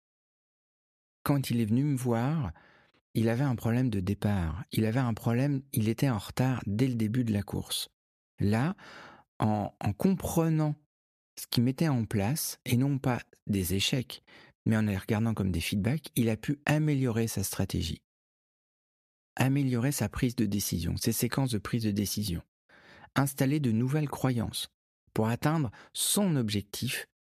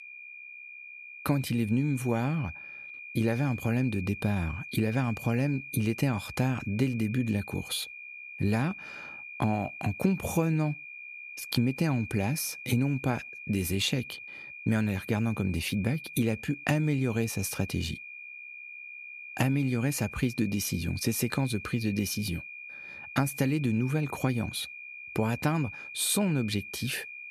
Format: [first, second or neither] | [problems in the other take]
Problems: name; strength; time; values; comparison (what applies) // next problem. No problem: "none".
first | high-pitched whine; noticeable; throughout; 2.5 kHz, 10 dB below the speech